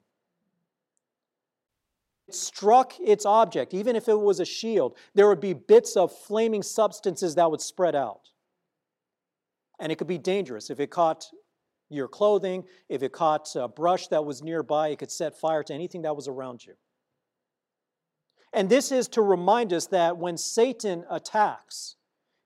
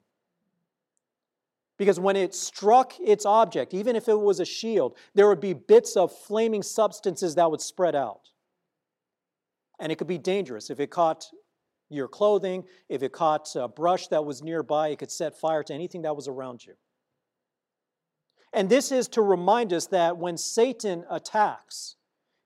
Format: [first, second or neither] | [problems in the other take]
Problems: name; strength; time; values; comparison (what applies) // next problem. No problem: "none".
second | audio cutting out; at 1.5 s for 0.5 s